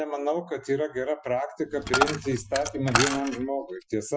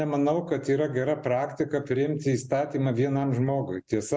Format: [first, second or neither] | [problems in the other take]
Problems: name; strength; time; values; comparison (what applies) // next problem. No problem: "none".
second | noise reduction (classical method Wiener filter)